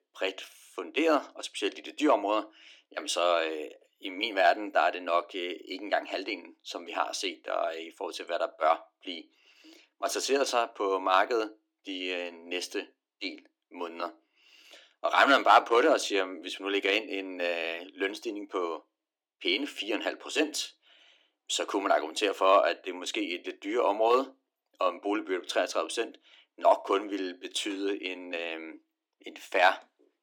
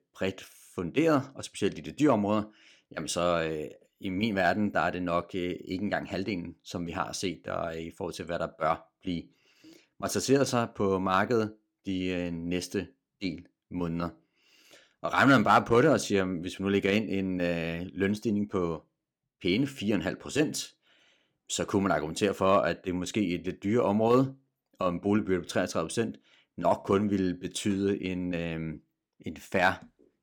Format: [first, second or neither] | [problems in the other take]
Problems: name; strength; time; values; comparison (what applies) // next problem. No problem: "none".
second | thin; somewhat; fading below 300 Hz